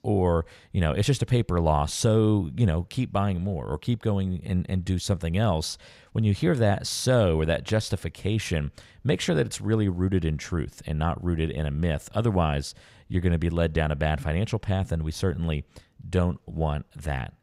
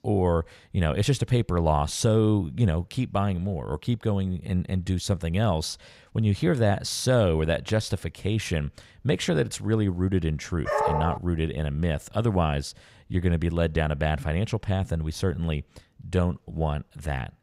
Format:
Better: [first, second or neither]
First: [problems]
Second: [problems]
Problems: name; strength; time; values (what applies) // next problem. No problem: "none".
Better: first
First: none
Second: dog barking; loud; at 11 s; peak 1 dB above the speech